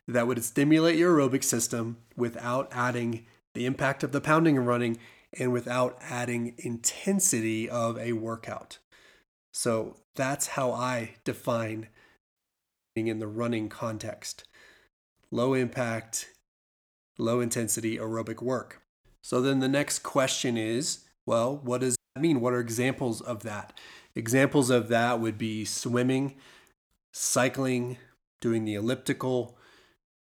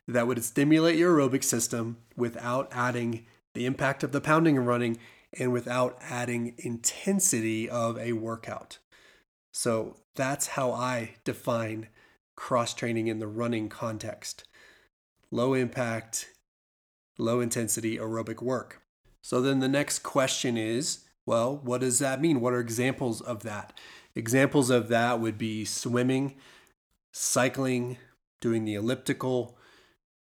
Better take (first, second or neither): second